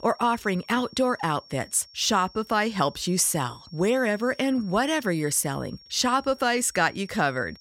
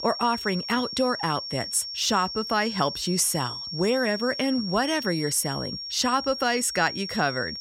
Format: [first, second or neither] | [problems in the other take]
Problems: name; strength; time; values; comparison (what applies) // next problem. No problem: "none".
first | high-pitched whine; loud; throughout; 5.5 kHz, 7 dB below the speech; faint in the first